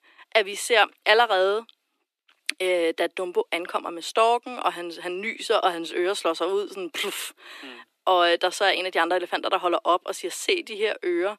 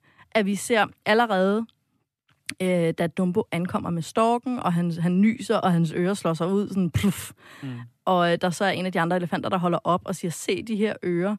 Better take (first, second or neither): second